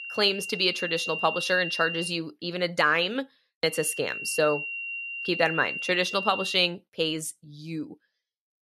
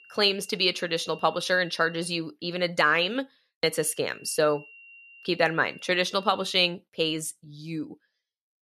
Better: second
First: high-pitched whine; loud; until 2 s and from 3.5 to 6.5 s; 3 kHz, 6 dB below the speech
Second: high-pitched whine; faint; until 2 s and from 3.5 to 6.5 s; 3 kHz, 20 dB below the speech

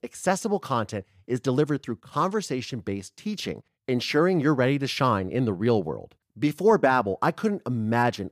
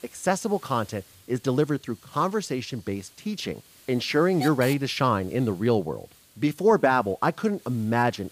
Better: first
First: none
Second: hiss; faint; throughout; 20 dB below the speech

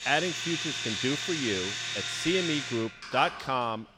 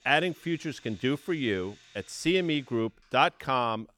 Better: second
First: household noises; loud; throughout; 1 dB below the speech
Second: household noises; faint; throughout; 25 dB below the speech

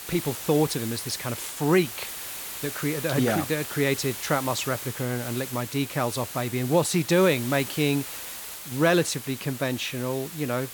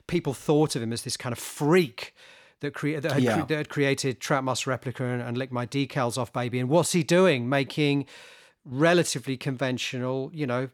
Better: second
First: hiss; loud; throughout; 8 dB below the speech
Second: none

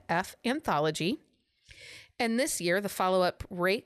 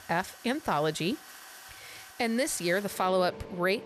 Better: first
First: none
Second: machinery noise; noticeable; throughout; 15 dB below the speech

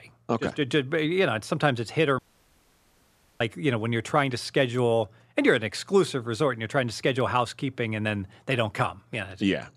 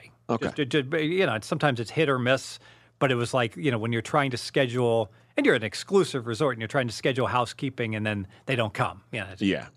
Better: second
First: audio cutting out; at 2 s for 1 s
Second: none

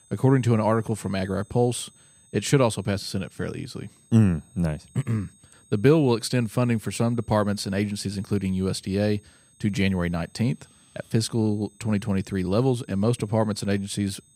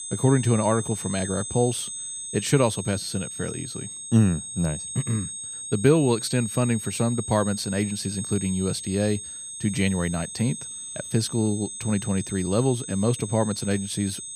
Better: first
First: high-pitched whine; faint; throughout; 8 kHz, 30 dB below the speech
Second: high-pitched whine; loud; throughout; 8 kHz, 7 dB below the speech

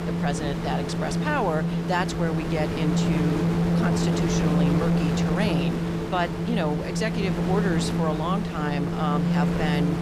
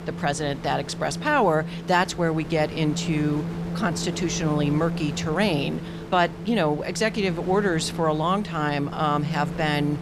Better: second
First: wind noise on the microphone; heavy; 1 dB below the speech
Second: wind noise on the microphone; occasional gusts; 15 dB below the speech

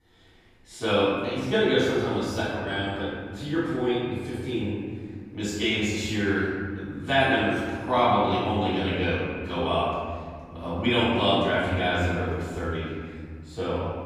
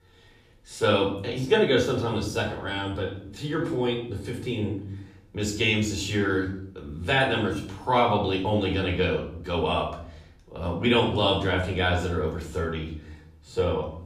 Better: second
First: room echo; strong; dies away in 1.9 s // off-mic speech; far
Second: room echo; slight; dies away in 0.6 s // off-mic speech; far

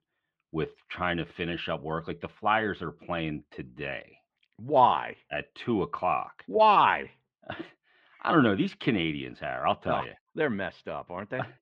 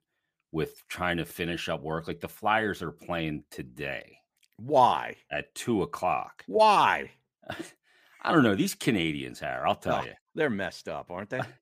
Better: second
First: muffled; slightly; fading above 3.5 kHz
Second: none

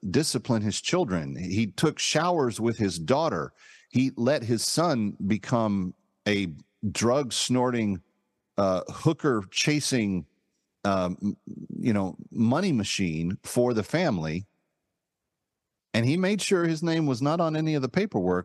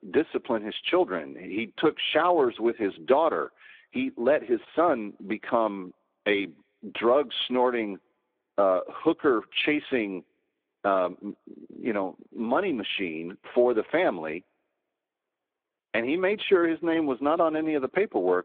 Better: first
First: none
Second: phone-call audio; nothing above 3.5 kHz

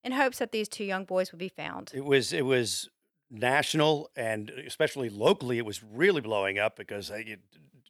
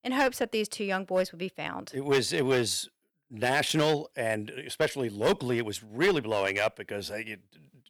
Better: first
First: none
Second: distortion; slight; 4% of the sound clipped

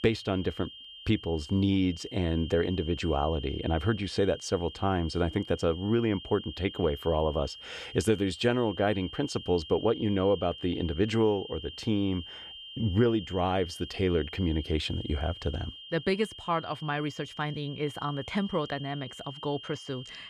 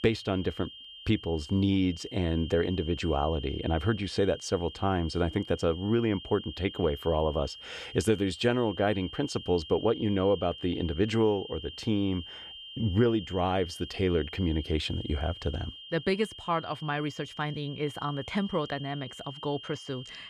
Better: neither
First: high-pitched whine; noticeable; throughout; 3 kHz, 15 dB below the speech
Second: high-pitched whine; noticeable; throughout; 3 kHz, 15 dB below the speech

